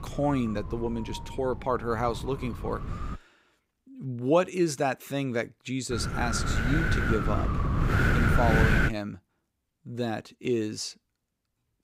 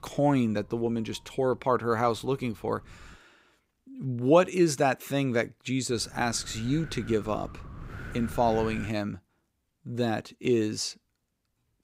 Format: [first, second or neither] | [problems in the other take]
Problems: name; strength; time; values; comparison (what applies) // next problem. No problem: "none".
second | wind noise on the microphone; heavy; until 3 s and from 6 to 9 s; 2 dB above the speech; occasional gusts in the second